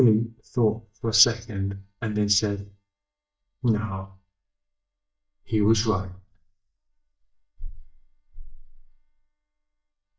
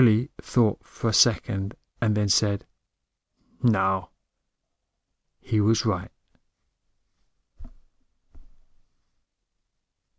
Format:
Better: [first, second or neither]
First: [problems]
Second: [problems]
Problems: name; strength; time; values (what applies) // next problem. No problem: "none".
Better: second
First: noise reduction (neural mask model DeepFilterNet 3)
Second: none